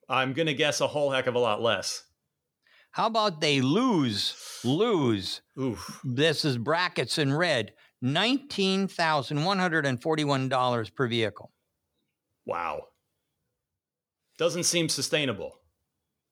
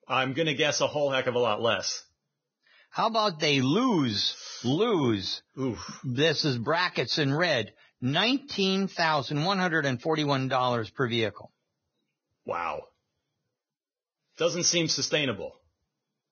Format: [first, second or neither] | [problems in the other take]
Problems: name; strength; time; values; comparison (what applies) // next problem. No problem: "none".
first | garbled, watery; badly; nothing above 6.5 kHz